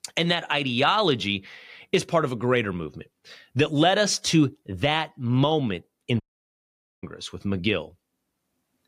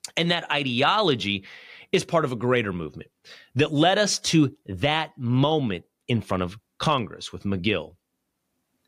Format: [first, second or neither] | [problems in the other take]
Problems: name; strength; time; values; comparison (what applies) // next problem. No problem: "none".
second | audio cutting out; at 6 s for 1 s